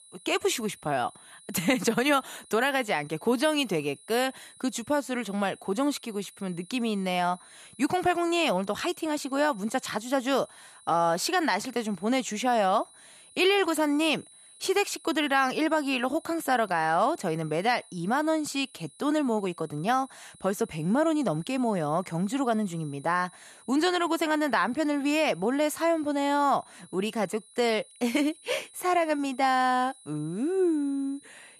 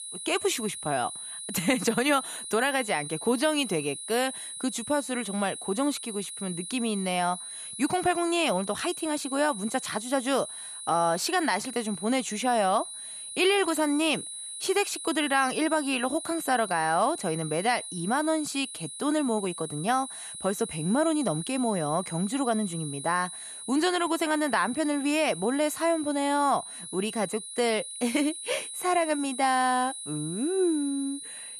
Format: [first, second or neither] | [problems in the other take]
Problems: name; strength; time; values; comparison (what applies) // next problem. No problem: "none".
first | high-pitched whine; loud; throughout; 10.5 kHz, 9 dB below the speech; faint in the first